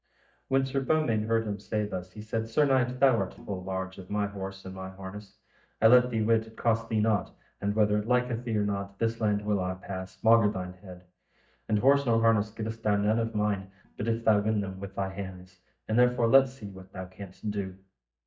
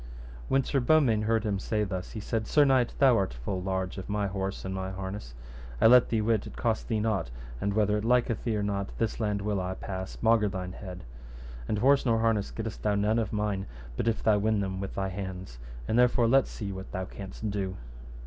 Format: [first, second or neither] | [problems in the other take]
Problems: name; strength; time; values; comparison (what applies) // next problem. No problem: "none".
second | noise reduction (neural mask model DeepFilterNet 3)